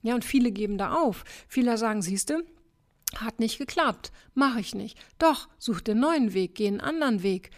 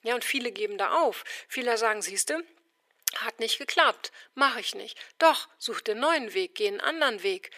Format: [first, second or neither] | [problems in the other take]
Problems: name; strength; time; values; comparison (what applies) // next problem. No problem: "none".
first | thin; very; fading below 450 Hz